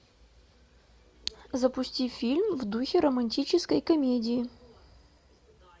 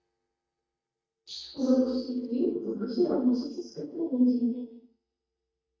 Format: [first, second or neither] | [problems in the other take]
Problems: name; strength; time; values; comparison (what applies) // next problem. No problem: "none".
first | noise reduction (neural mask model DeepFilterNet 3)